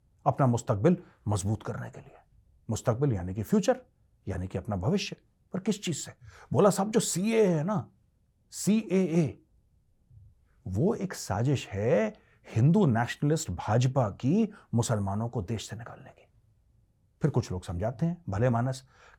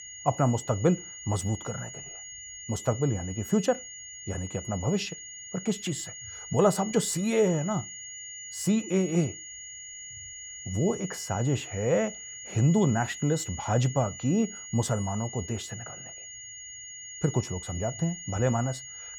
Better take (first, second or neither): first